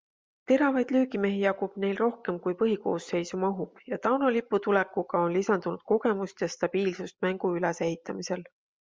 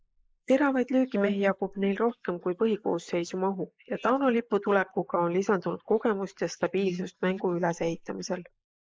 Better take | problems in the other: first | noise reduction (neural mask model Resemble Enhance denoiser)

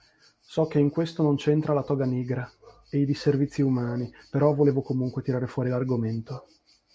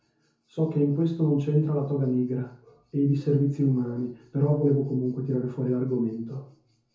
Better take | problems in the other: first | room echo; dies away in 0.6 s

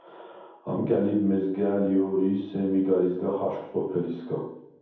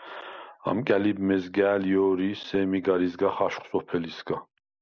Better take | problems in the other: second | room echo; dies away in 0.9 s

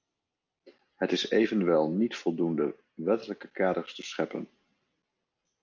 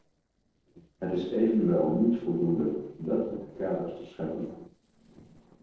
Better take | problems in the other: first | noise reduction (neural separator model SepFormer DNS4)

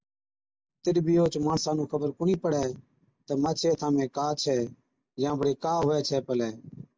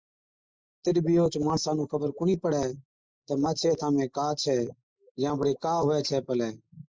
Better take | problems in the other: first | noise reduction (neural mask model Resemble Enhance denoiser)

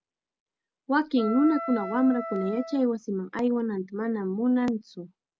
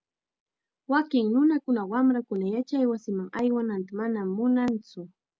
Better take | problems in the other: second | background sound (Wind instrument, woodwind instrument); 9 dB below the speech

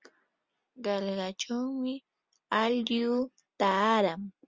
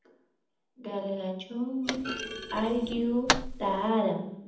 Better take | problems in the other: first | background sound (Thump, thud); 5 dB below the speech // room echo; dies away in 0.8 s

